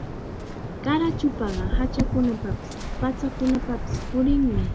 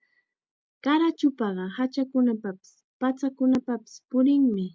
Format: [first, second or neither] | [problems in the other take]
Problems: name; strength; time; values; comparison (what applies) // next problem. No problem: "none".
second | background sound (Waves, surf); 2 dB below the speech